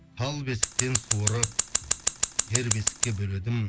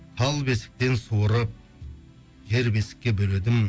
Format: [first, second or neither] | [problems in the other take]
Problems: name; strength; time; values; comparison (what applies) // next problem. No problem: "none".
second | background sound (Scissors); 3 dB above the speech